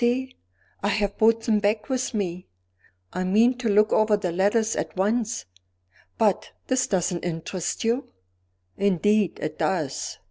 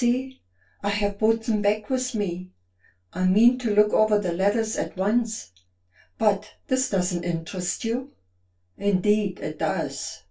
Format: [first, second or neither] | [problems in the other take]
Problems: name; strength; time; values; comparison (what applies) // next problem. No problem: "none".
first | room echo; dies away in 0.2 s